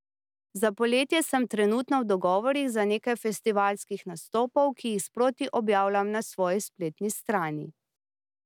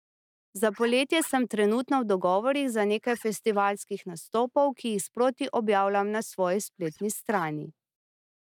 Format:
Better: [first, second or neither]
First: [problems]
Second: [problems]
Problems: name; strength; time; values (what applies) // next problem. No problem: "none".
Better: first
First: none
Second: noise reduction (neural mask model DeepFilterNet 3)